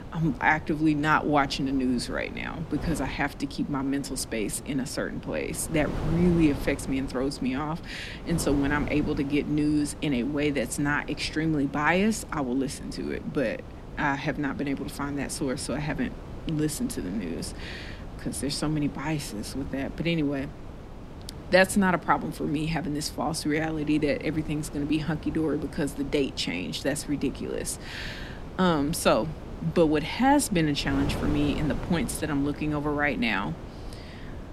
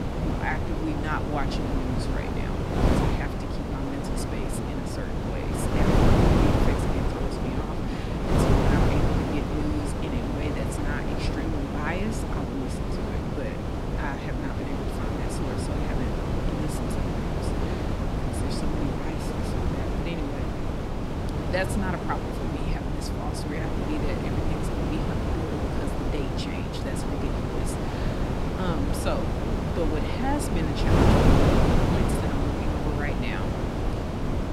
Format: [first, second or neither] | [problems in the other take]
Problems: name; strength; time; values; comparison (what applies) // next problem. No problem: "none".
first | wind noise on the microphone; heavy; 5 dB above the speech; occasional gusts in the first